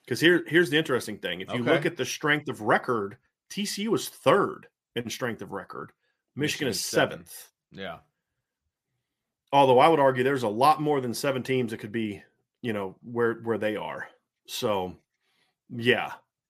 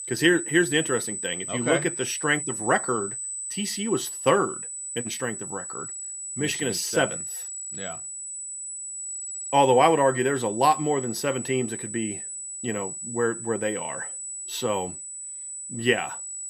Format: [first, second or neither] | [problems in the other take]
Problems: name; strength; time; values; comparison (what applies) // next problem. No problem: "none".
first | high-pitched whine; loud; throughout; 8 kHz, 7 dB below the speech